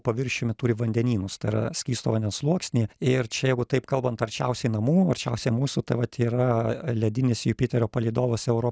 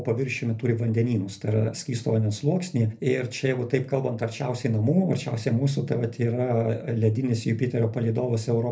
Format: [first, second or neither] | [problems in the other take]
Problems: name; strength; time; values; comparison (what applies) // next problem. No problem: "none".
first | room echo; dies away in 0.3 s